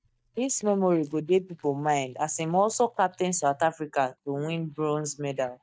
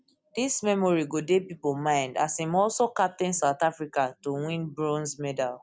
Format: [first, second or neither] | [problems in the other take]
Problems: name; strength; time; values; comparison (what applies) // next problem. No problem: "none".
second | noise reduction (neural mask model DeepFilterNet 3)